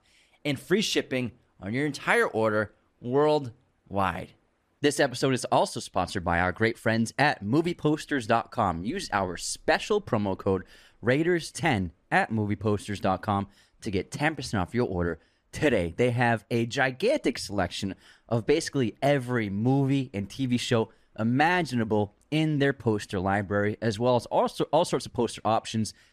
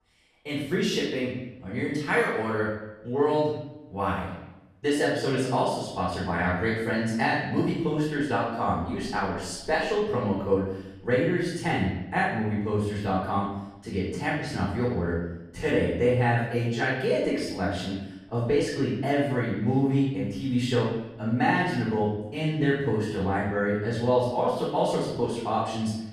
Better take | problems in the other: first | off-mic speech; far // room echo; noticeable; dies away in 0.9 s

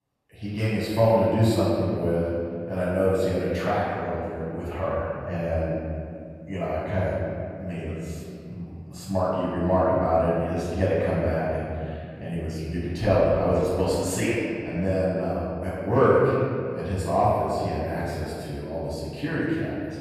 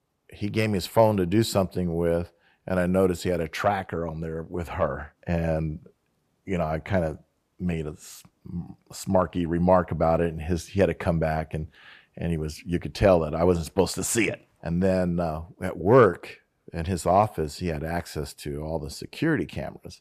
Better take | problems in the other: second | off-mic speech; far // room echo; strong; dies away in 2.2 s

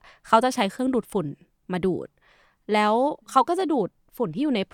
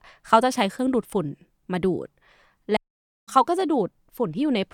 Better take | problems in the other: first | audio cutting out; at 3 s for 0.5 s

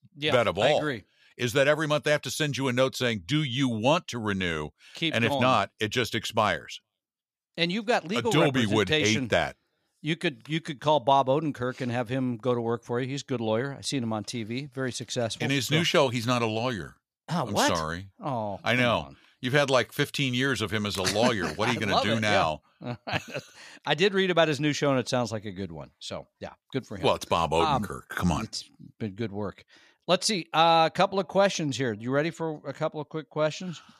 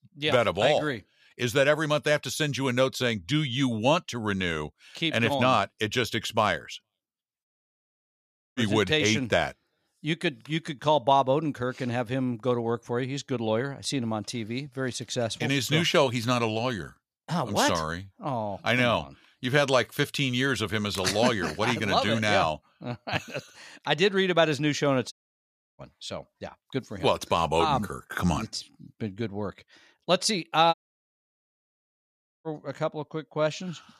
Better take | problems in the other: first | audio cutting out; at 7.5 s for 1 s, at 25 s for 0.5 s and at 31 s for 1.5 s

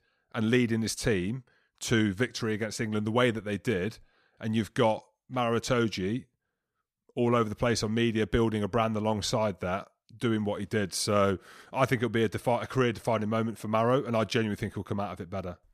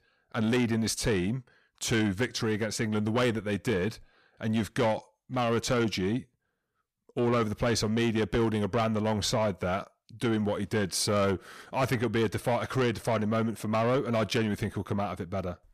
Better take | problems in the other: first | distortion; slight; 10 dB below the speech

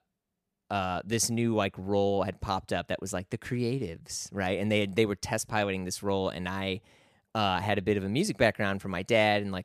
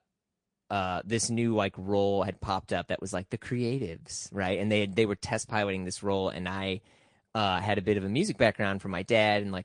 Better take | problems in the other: first | garbled, watery; slightly; nothing above 9.5 kHz

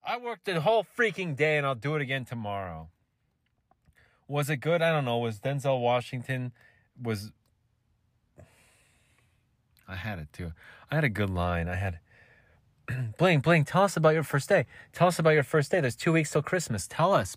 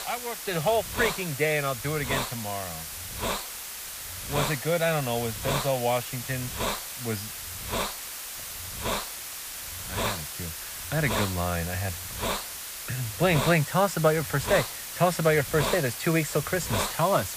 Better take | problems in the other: first | hiss; loud; throughout; 5 dB below the speech

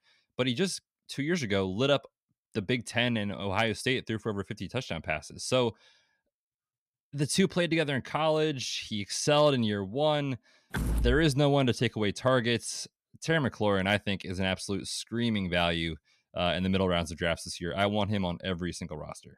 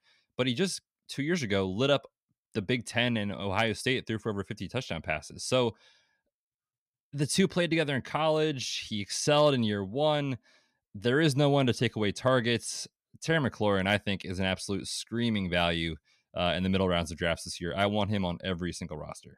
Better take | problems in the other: second | door banging; noticeable; at 11 s; peak 1 dB below the speech

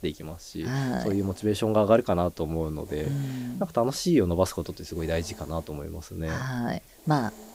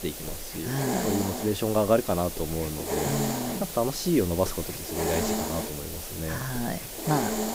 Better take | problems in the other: first | hiss; loud; throughout; 3 dB below the speech; faint in the first

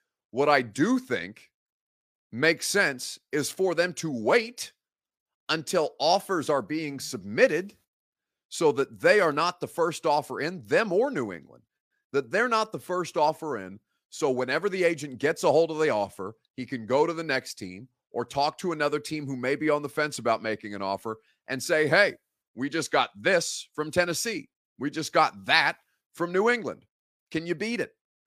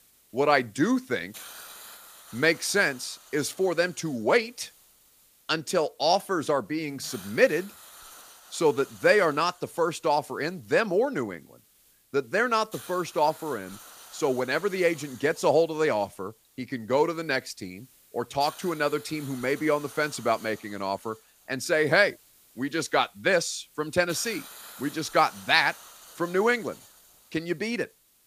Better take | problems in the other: first | hiss; faint; throughout; 20 dB below the speech

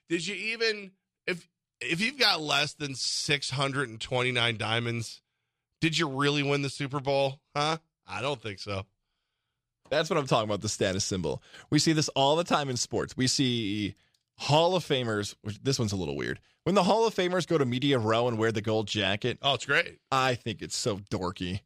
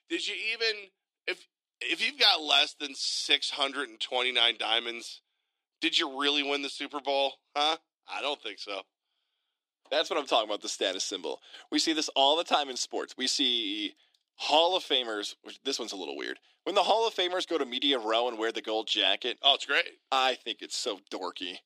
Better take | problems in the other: first | thin; somewhat; fading below 300 Hz

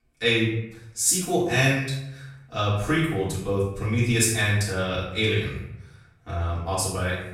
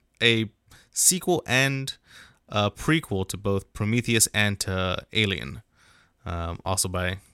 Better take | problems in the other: second | off-mic speech; far // room echo; noticeable; dies away in 0.7 s

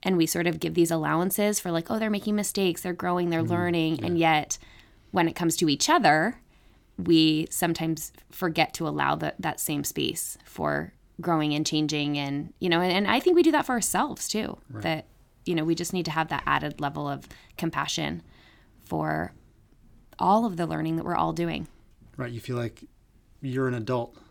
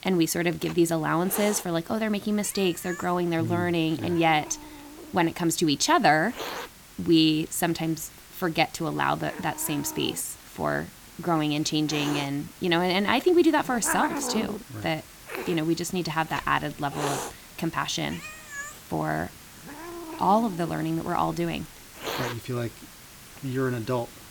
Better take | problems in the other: first | hiss; noticeable; throughout; 15 dB below the speech

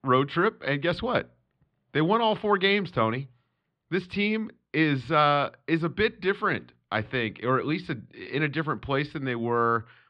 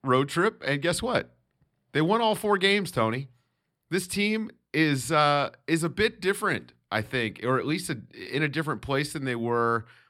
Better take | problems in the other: second | muffled; slightly; fading above 3.5 kHz

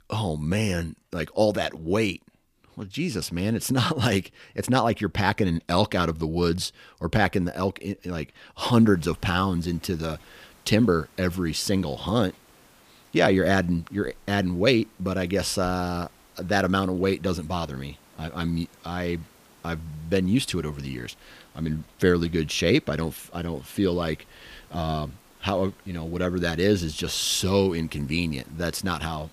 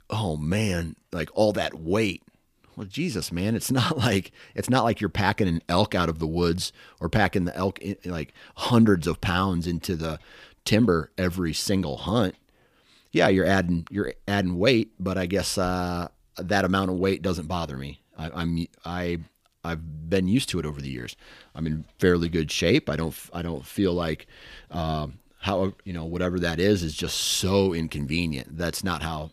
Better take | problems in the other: second | hiss; faint; from 8.5 s on; 30 dB below the speech

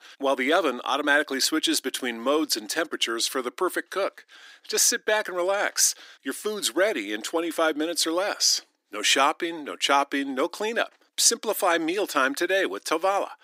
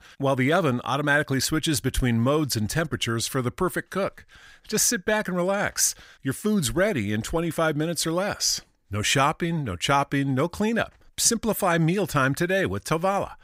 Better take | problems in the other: second | thin; somewhat; fading below 300 Hz

